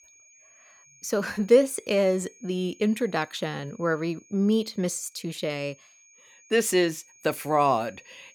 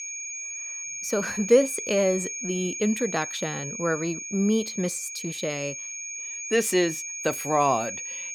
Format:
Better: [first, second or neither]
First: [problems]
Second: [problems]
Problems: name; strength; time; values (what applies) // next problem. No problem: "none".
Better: first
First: high-pitched whine; faint; throughout; 6.5 kHz, 25 dB below the speech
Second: high-pitched whine; loud; throughout; 6.5 kHz, 6 dB below the speech